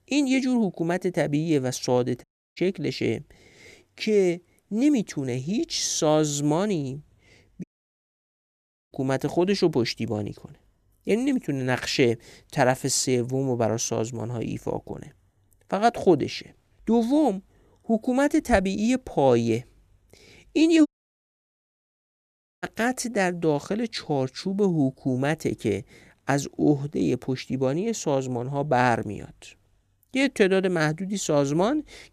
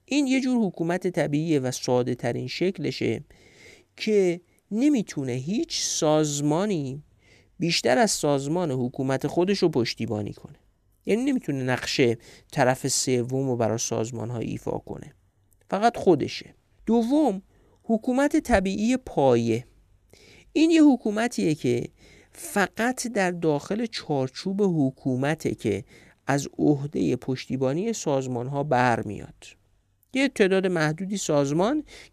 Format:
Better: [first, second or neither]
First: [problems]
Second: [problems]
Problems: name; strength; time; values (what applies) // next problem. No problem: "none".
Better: second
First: audio cutting out; at 2 s, at 7.5 s for 1.5 s and at 21 s for 2 s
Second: none